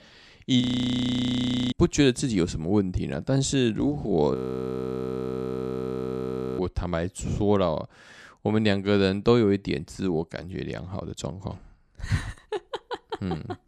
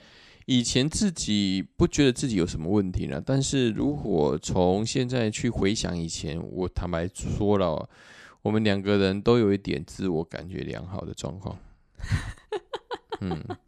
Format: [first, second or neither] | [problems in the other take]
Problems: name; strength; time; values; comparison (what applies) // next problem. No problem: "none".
second | audio freezing; at 0.5 s for 1 s and at 4.5 s for 2 s